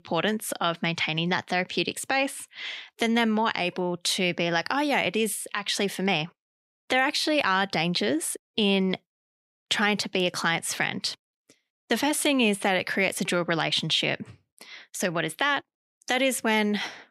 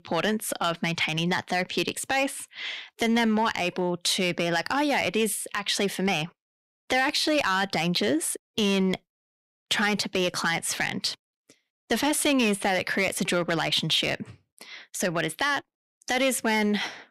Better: first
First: none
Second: distortion; slight; 3% of the sound clipped

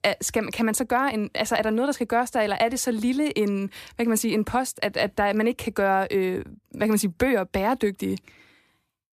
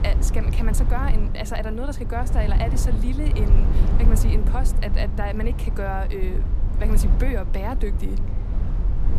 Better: first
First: none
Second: low rumble; loud; throughout; 7 dB below the speech

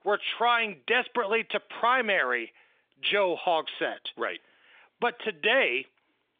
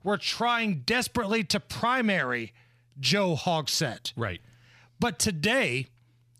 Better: second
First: phone-call audio; nothing above 3.5 kHz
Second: none

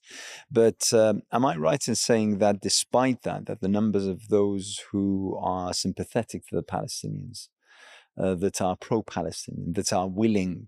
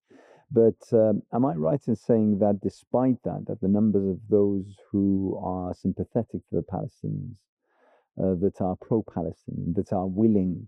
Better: first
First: none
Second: muffled; very; fading above 1.5 kHz

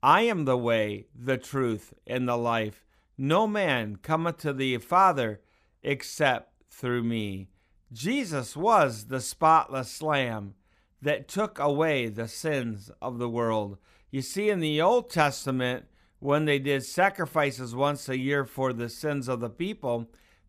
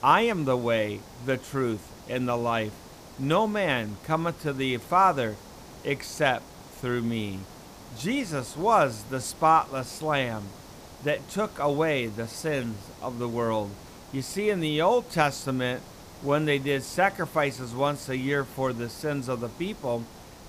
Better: first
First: none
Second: hiss; noticeable; throughout; 20 dB below the speech

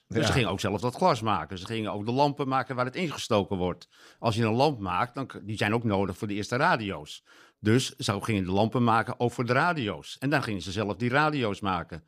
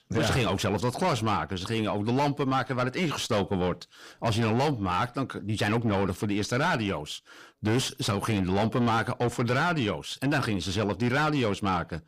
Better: first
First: none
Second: distortion; heavy; 7 dB below the speech

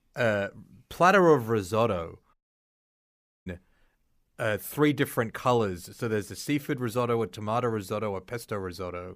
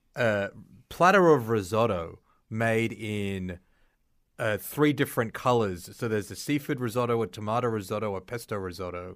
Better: second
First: audio cutting out; at 2.5 s for 1 s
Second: none

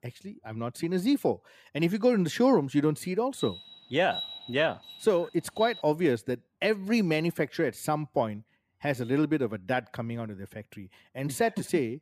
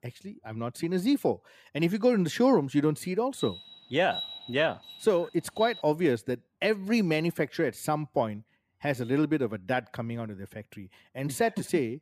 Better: neither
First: alarm; noticeable; from 3.5 to 6 s; peak 7 dB below the speech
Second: alarm; noticeable; from 3.5 to 6 s; peak 7 dB below the speech

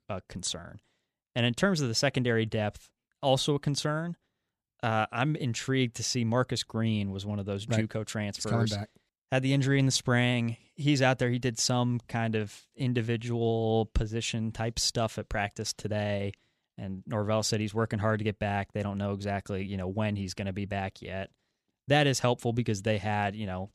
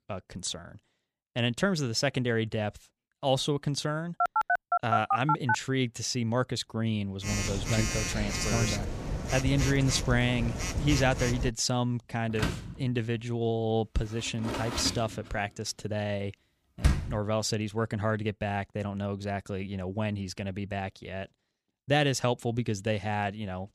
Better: first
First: none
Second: phone ringing; loud; from 4 to 12 s; peak 4 dB above the speech // door banging; loud; from 12 to 17 s; peak 2 dB above the speech

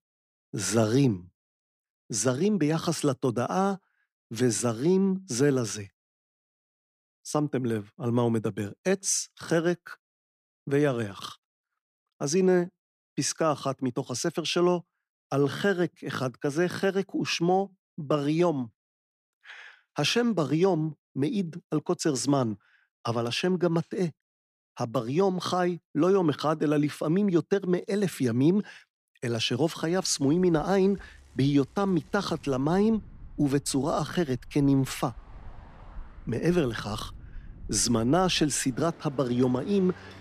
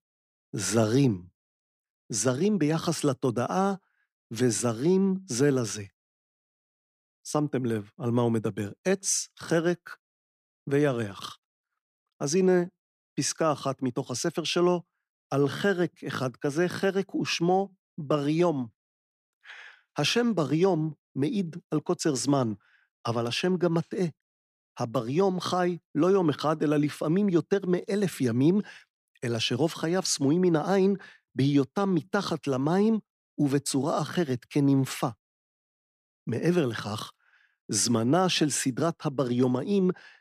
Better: second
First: traffic noise; faint; from 30 s on; 25 dB below the speech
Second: none

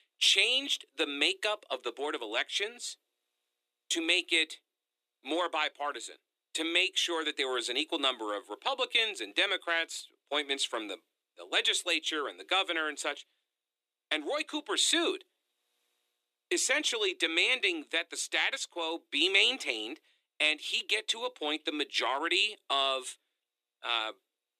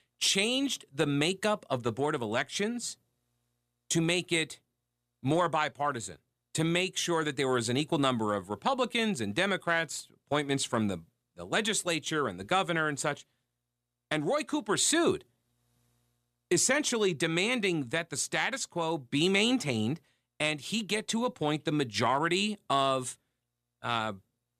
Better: second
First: thin; somewhat; fading below 300 Hz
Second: none

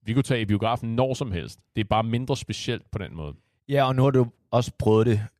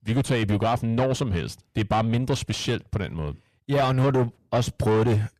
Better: first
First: none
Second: distortion; heavy; 7 dB below the speech

